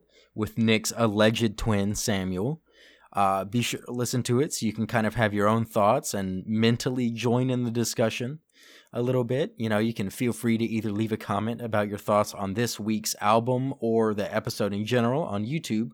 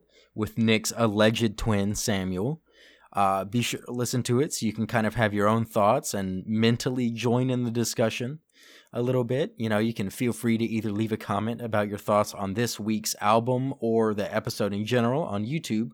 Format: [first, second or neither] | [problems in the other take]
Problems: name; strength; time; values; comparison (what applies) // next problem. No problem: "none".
neither | none